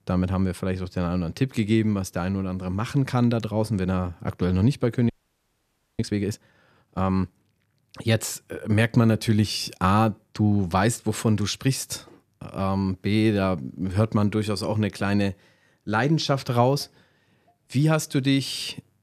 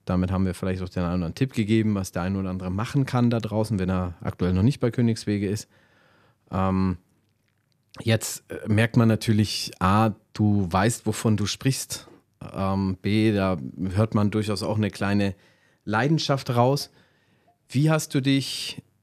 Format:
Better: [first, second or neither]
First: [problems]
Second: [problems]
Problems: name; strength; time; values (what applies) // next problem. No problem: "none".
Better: second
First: audio freezing; at 5 s for 1 s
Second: none